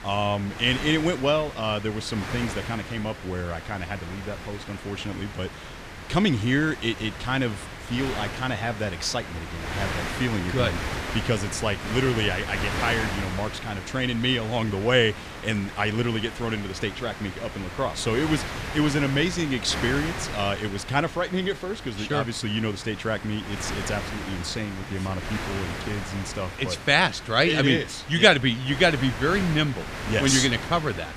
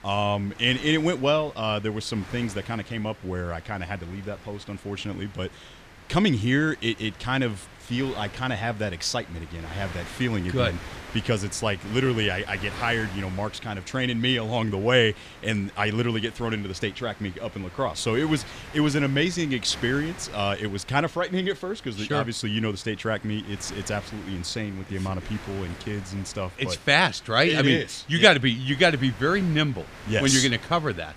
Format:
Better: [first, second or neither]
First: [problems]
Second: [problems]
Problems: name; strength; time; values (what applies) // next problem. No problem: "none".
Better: second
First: wind noise on the microphone; heavy; 8 dB below the speech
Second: wind noise on the microphone; occasional gusts; 20 dB below the speech